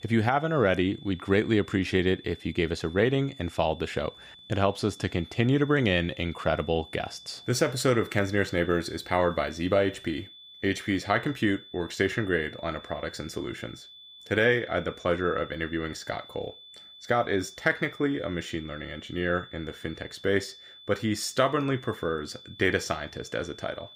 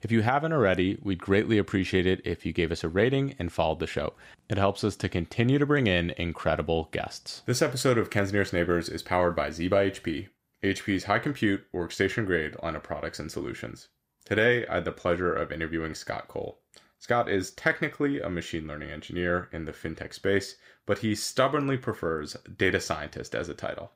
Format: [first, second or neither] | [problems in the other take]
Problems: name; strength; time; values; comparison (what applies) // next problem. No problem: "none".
second | high-pitched whine; noticeable; throughout; 3.5 kHz, 20 dB below the speech